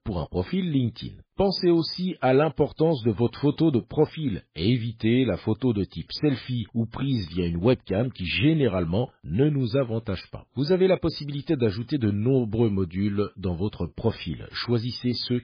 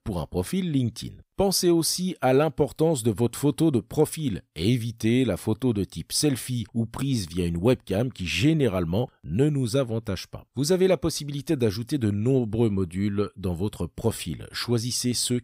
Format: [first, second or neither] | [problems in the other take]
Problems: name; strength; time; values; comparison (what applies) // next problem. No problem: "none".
second | garbled, watery; badly